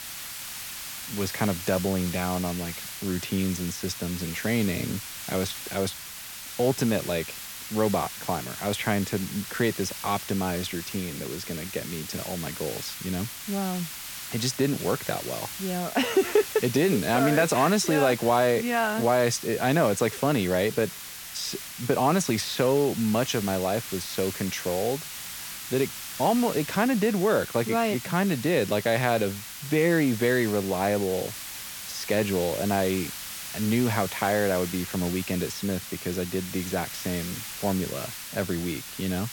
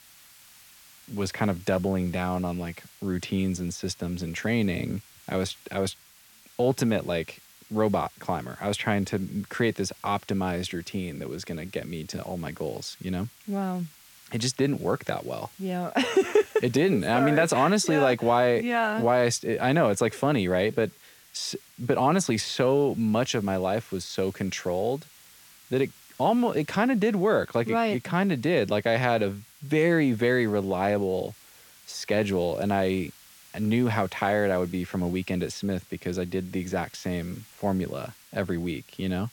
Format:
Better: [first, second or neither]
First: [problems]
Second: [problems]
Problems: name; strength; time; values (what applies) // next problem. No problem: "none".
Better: second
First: hiss; loud; throughout; 9 dB below the speech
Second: hiss; faint; throughout; 25 dB below the speech